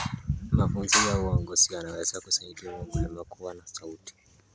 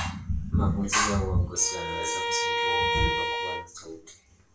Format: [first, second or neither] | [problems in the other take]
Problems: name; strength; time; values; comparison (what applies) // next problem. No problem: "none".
first | background sound (Bowed string instrument); as loud as the speech // room echo; dies away in 0.3 s